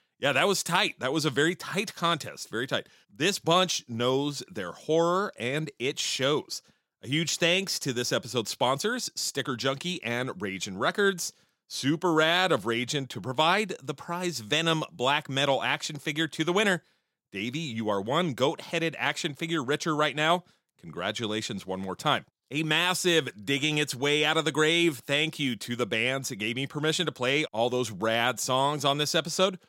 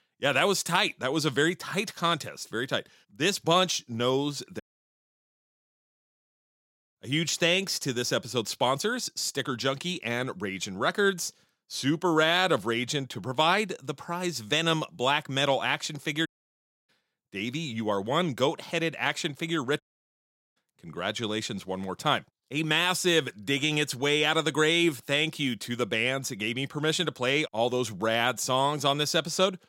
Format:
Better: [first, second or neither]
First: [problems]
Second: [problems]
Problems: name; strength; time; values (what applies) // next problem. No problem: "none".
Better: first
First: none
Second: audio cutting out; at 4.5 s for 2.5 s, at 16 s for 0.5 s and at 20 s for 1 s